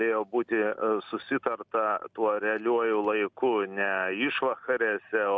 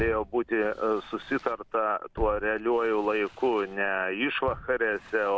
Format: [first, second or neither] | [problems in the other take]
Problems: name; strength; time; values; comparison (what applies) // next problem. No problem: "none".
first | background sound (Walk, footsteps); 16 dB below the speech